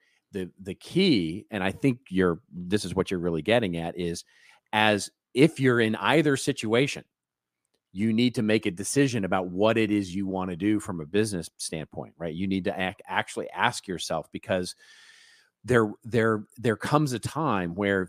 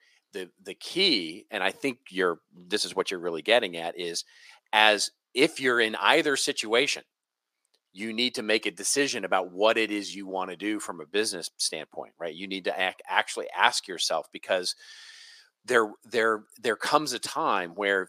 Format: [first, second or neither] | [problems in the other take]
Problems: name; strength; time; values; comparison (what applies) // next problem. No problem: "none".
first | thin; somewhat; fading below 500 Hz